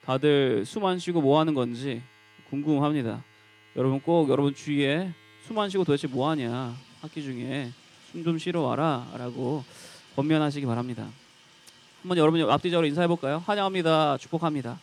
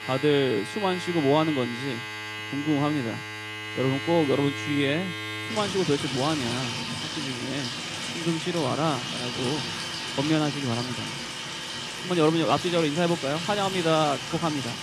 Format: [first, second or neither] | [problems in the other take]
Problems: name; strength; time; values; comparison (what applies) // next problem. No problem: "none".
first | household noises; loud; throughout; 5 dB below the speech; faint in the first